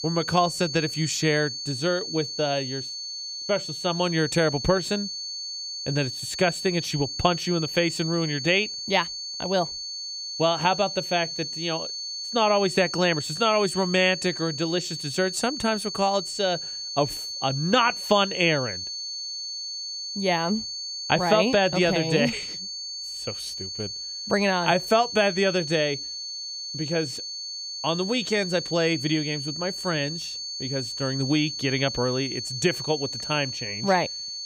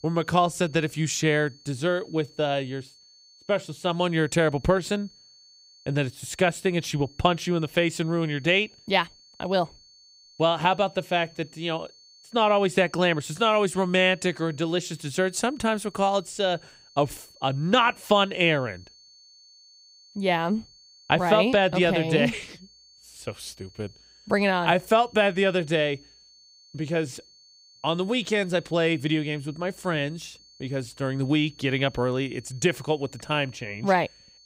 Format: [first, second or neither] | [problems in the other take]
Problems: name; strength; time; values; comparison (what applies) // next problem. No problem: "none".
second | high-pitched whine; loud; throughout; 4.5 kHz, 6 dB below the speech; faint in the second